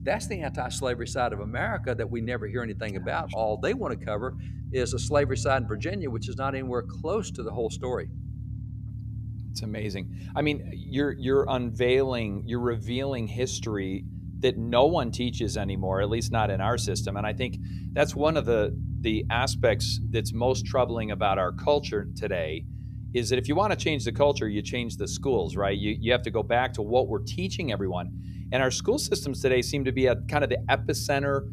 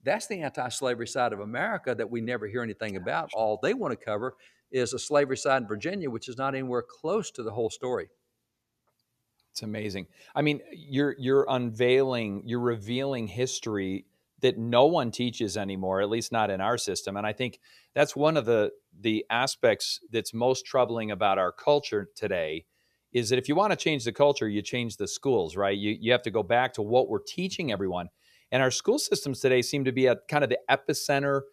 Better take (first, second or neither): second